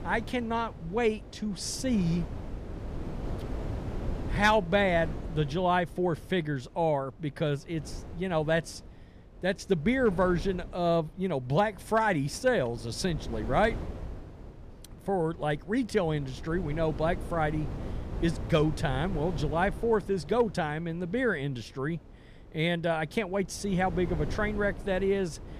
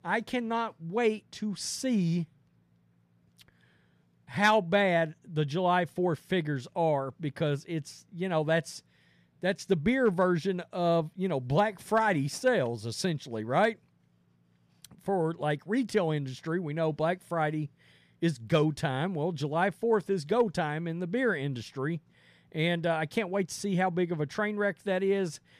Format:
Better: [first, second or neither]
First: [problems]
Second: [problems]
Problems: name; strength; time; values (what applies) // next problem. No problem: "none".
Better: second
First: wind noise on the microphone; occasional gusts; 15 dB below the speech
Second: none